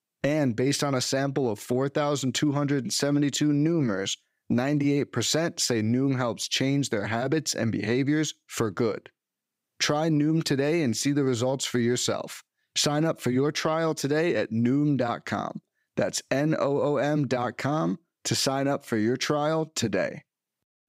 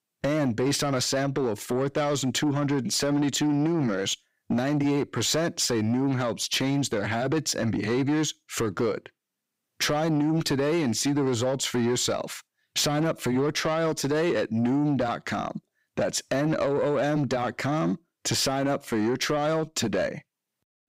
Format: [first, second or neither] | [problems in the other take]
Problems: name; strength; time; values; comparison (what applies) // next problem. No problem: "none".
first | distortion; slight; 10 dB below the speech